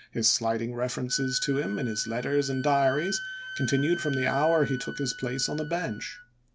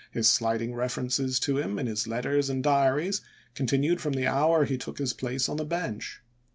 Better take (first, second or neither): second